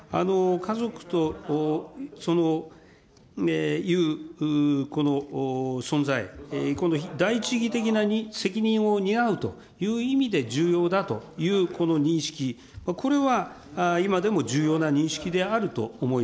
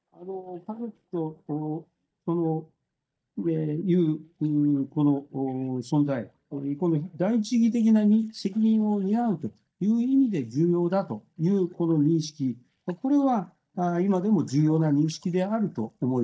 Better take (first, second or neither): first